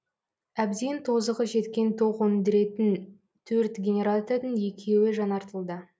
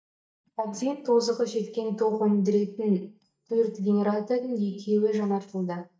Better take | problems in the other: first | noise reduction (neural mask model DeepFilterNet 3)

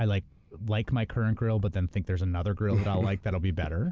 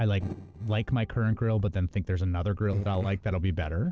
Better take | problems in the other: first | noise reduction (neural separator model SepFormer DNS4)

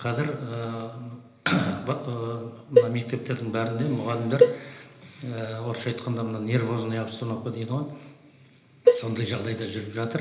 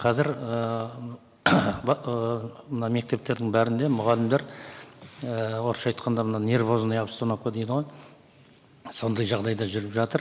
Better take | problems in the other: second | background sound (Cowbell); 4 dB above the speech // room echo; dies away in 1 s

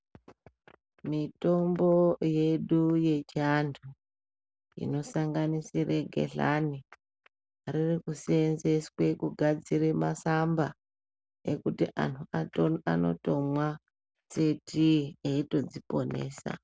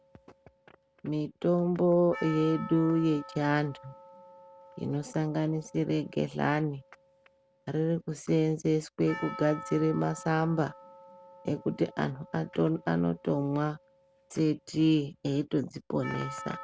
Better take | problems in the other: first | background sound (Percussion); 18 dB below the speech

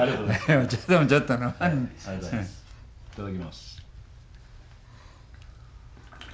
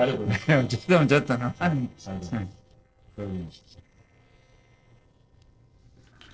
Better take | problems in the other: first | noise reduction (neural separator model SepFormer DNS4)

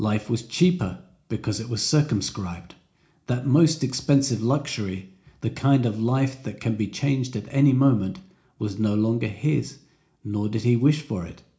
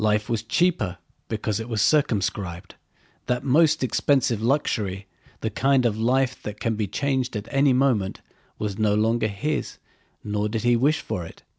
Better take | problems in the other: second | room echo; dies away in 0.4 s

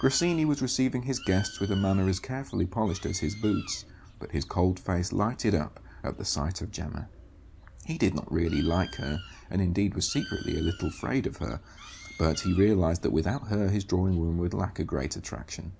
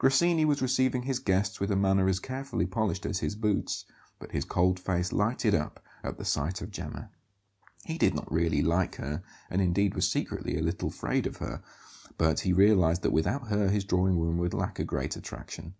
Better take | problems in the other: second | background sound (Bird); 18 dB below the speech

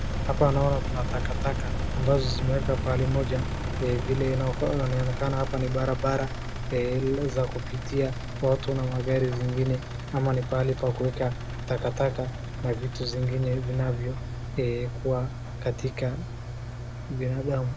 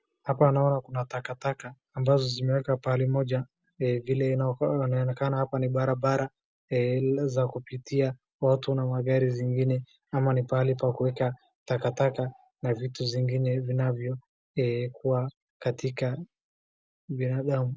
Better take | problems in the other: second | background sound (Engine); 3 dB below the speech

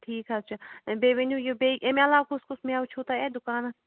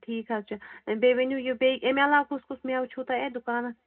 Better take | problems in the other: first | room echo; dies away in 0.3 s

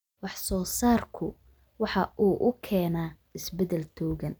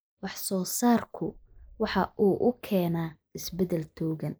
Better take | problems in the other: first | noise reduction (neural mask model Resemble Enhance denoiser)

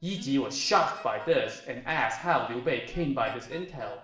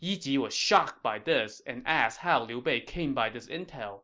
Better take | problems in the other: second | noise reduction (neural separator model SepFormer DNS4)

